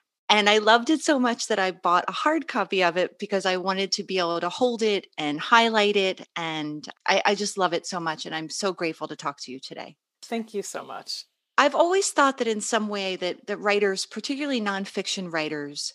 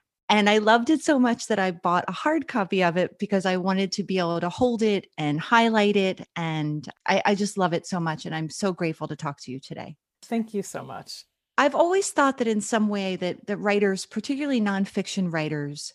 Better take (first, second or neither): second